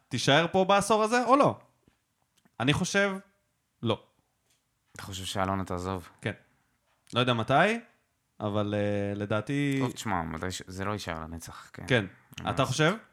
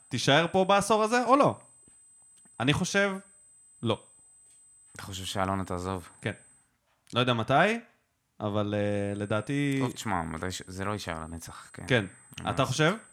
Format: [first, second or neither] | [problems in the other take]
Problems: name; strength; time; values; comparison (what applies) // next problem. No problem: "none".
first | high-pitched whine; faint; until 6.5 s and from 9 s on; 8 kHz, 25 dB below the speech